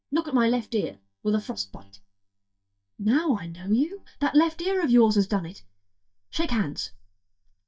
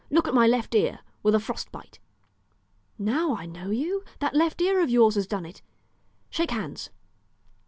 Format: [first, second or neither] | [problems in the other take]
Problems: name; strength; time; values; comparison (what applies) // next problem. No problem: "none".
second | noise reduction (neural mask model DeepFilterNet 3)